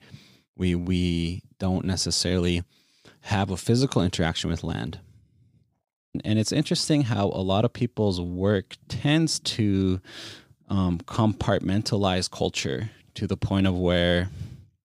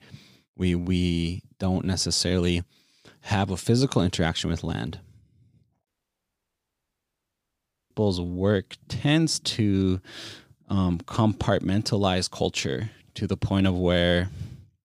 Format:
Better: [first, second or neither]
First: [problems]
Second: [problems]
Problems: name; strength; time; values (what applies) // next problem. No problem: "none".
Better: first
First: none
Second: audio cutting out; at 6 s for 2 s